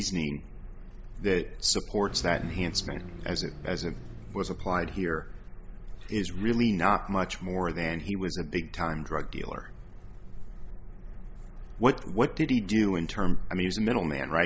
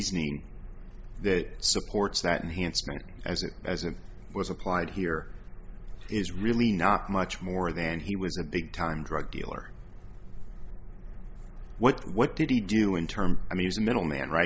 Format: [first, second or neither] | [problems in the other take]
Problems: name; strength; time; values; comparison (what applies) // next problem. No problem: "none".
second | background sound (Car); 12 dB below the speech